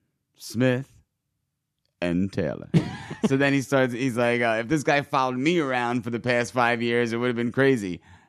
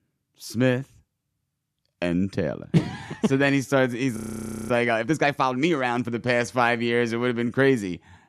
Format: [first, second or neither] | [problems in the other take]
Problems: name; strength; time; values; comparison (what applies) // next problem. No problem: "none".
first | audio freezing; at 4 s for 0.5 s